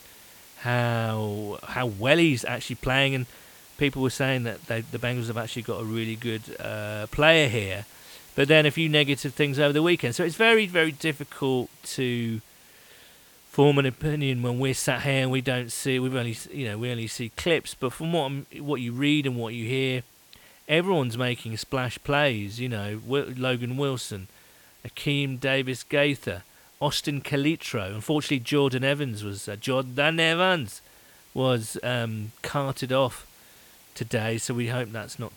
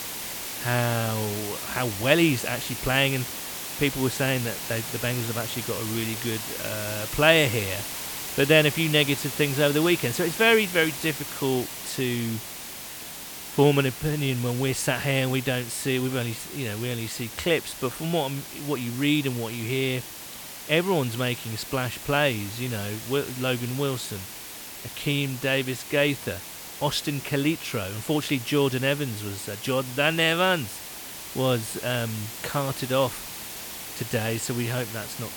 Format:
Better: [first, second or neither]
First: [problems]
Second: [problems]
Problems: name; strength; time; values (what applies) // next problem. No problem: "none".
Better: first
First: hiss; faint; throughout; 25 dB below the speech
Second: hiss; loud; throughout; 8 dB below the speech